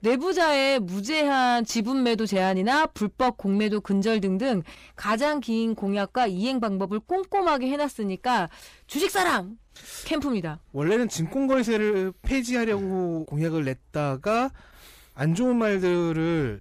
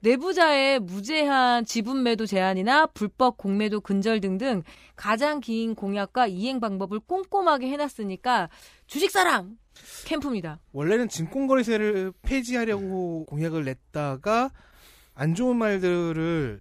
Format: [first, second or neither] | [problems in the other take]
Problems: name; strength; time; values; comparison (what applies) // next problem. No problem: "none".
second | distortion; slight; 10 dB below the speech